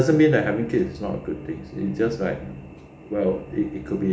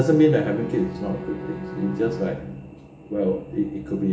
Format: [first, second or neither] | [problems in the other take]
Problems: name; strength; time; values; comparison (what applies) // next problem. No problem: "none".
first | background sound (Bowed string instrument); 14 dB below the speech // room echo; dies away in 0.7 s